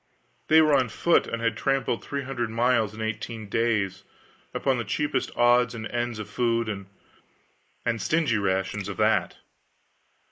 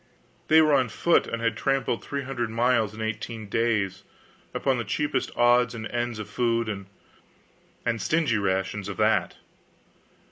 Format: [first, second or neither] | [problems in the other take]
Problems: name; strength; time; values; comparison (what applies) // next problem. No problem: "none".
second | noise reduction (neural mask model Resemble Enhance denoiser)